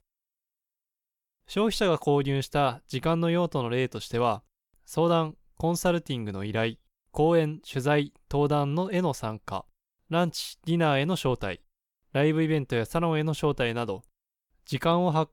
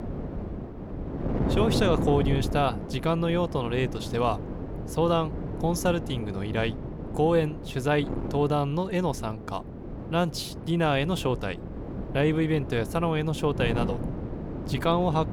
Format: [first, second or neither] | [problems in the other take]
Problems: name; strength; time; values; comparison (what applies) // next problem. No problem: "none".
first | wind noise on the microphone; occasional gusts; 10 dB below the speech